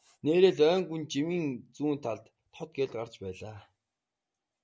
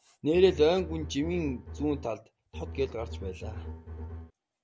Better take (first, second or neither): first